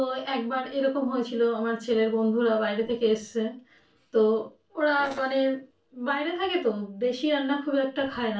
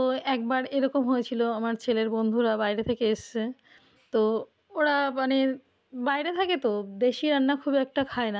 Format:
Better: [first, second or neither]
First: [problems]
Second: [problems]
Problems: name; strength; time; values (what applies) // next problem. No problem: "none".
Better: second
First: noise reduction (neural separator model SepFormer DNS4)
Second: none